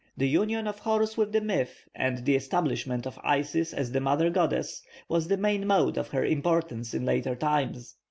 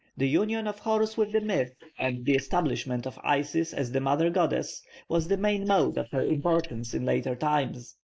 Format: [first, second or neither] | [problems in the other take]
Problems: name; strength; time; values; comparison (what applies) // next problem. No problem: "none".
first | noise reduction (neural mask model Resemble Enhance denoiser)